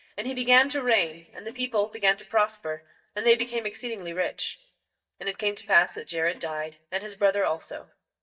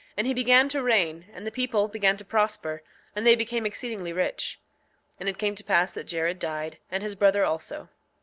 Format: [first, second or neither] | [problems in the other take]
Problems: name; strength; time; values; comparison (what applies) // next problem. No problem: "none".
second | noise reduction (neural mask model DeepFilterNet 3)